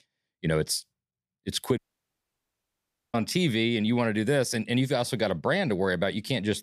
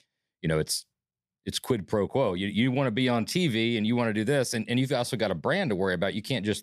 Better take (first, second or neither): second